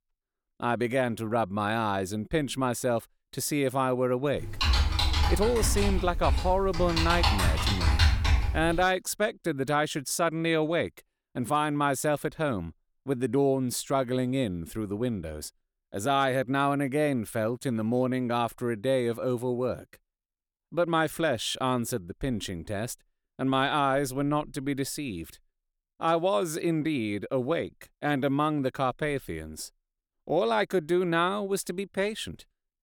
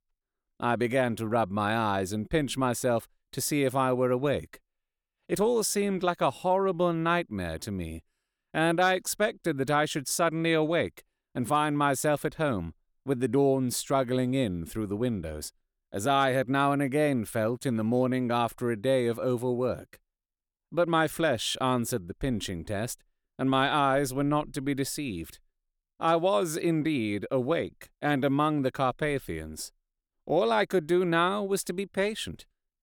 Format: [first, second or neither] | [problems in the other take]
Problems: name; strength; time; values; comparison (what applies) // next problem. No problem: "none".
second | keyboard typing; loud; from 4.5 to 9 s; peak 5 dB above the speech